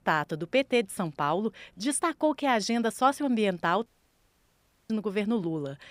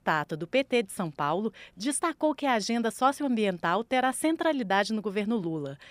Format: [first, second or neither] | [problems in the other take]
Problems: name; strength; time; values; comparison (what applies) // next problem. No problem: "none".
second | audio cutting out; at 4 s for 1 s